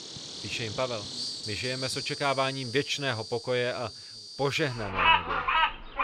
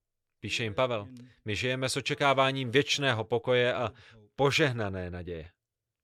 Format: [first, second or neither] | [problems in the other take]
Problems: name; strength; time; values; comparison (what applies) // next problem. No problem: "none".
second | animal sounds; very loud; throughout; 1 dB above the speech